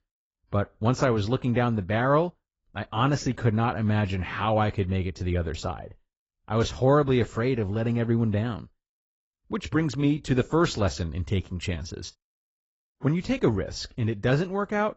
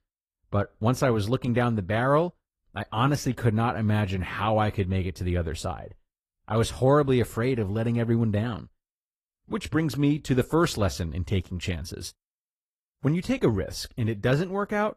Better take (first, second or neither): second